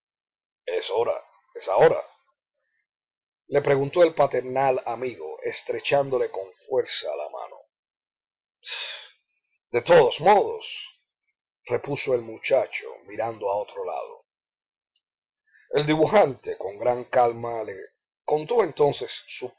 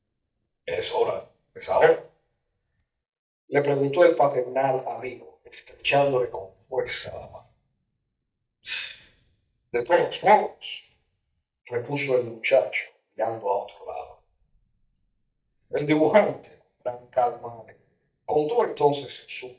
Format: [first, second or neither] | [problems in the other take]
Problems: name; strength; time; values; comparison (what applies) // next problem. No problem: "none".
first | noise reduction (neural mask model DeepFilterNet 3)